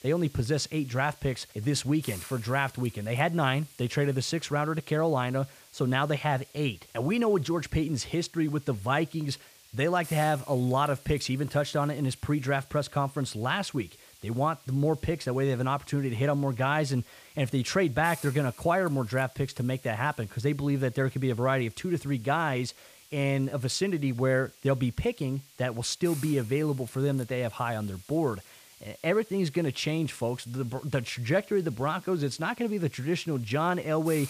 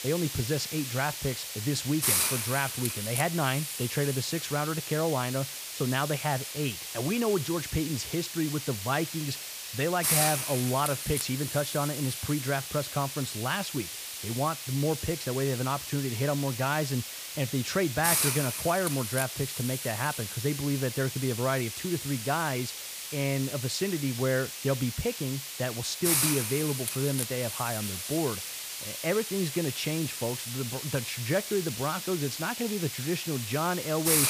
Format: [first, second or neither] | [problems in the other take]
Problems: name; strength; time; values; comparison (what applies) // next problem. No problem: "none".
first | hiss; loud; throughout; 2 dB below the speech; faint in the first